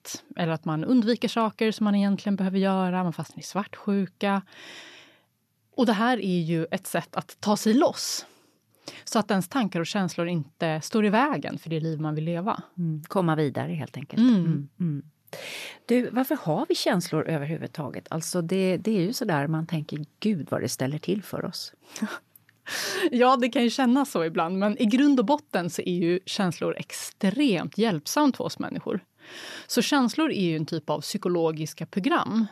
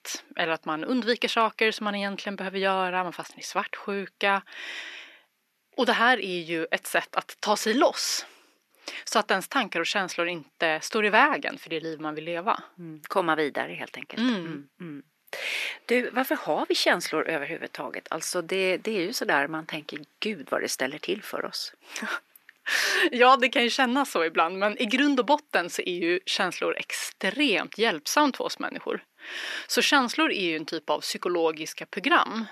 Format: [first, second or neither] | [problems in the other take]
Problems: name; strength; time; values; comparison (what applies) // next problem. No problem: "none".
first | thin; somewhat; fading below 300 Hz